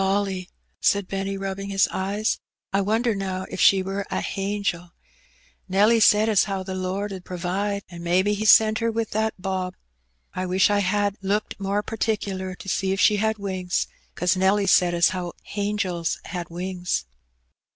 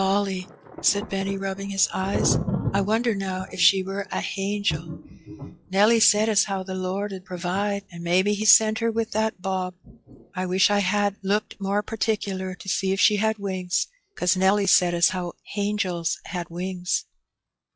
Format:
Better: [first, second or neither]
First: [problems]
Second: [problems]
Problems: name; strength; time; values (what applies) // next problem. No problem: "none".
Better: first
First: none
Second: noise reduction (classical method log-MMSE)